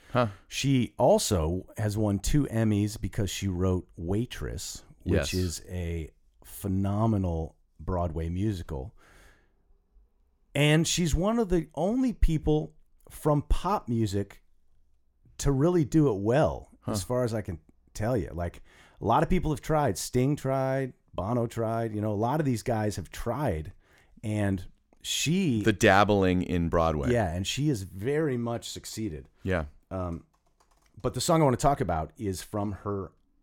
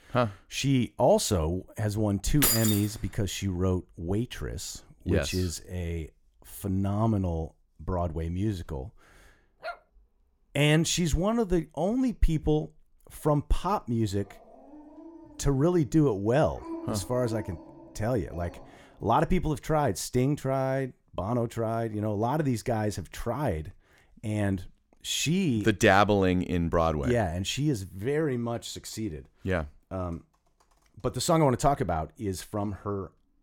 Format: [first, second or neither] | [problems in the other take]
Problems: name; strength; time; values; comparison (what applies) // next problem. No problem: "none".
first | jangling keys; loud; at 2.5 s; peak 5 dB above the speech // dog barking; faint; at 9.5 s and from 14 to 19 s; peak 10 dB below the speech